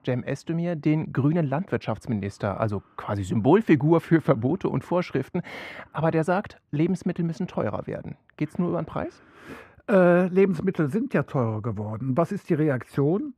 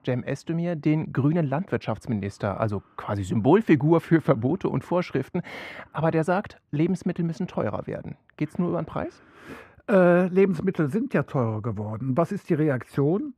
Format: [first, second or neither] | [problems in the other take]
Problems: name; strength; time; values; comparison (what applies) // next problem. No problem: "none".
neither | muffled; very; fading above 3.5 kHz; the same in both